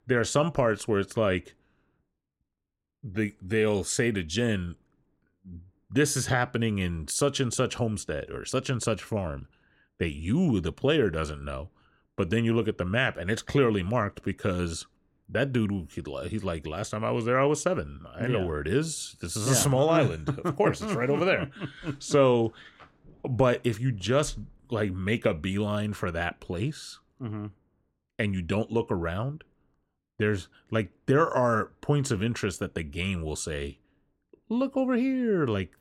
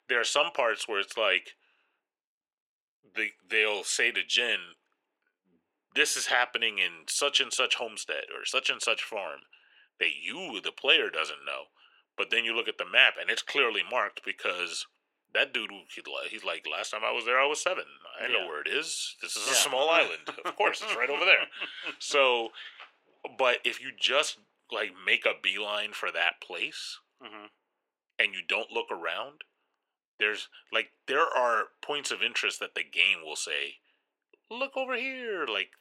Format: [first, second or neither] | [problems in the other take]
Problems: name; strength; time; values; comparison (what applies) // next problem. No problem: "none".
first | thin; very; fading below 500 Hz